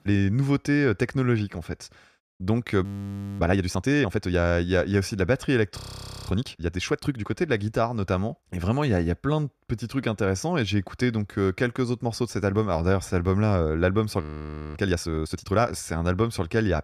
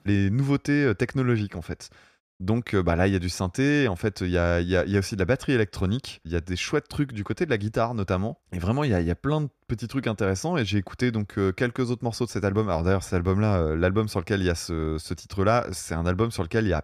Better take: second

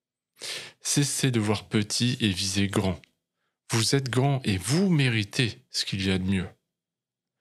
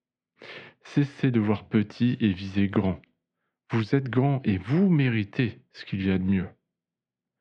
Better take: first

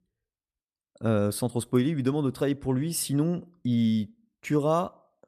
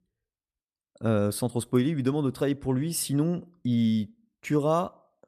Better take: neither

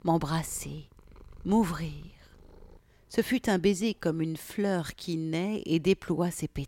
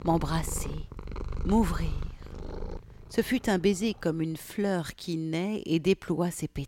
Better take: first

